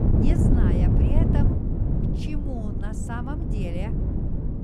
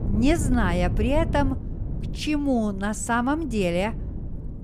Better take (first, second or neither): second